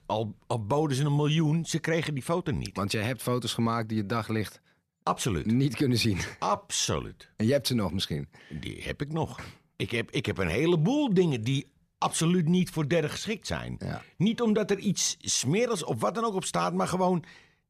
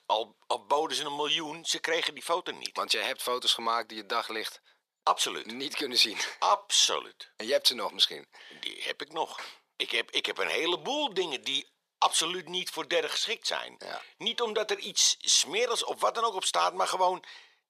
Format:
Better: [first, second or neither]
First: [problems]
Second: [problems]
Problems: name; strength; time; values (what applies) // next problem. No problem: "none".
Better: first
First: none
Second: thin; very; fading below 500 Hz